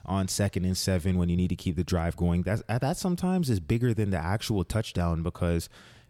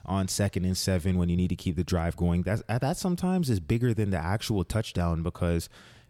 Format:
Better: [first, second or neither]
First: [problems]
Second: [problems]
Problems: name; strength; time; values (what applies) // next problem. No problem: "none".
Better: neither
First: none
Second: none